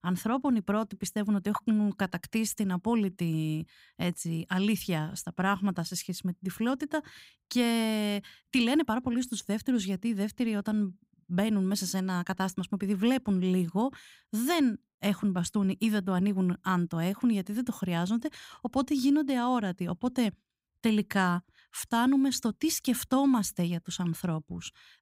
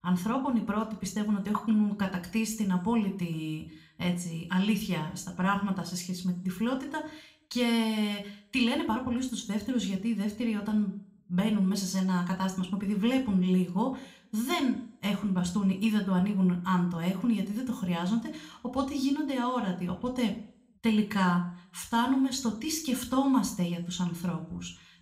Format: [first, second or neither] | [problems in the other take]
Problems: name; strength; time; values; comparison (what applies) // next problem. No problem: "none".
first | room echo; very slight; dies away in 0.4 s // off-mic speech; somewhat distant